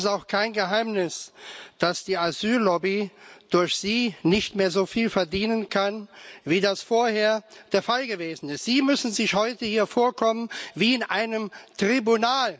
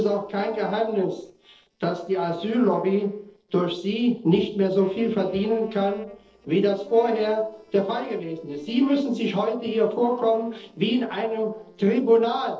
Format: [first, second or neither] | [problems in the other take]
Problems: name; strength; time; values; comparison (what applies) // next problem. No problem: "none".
first | noise reduction (neural separator model SepFormer DNS4)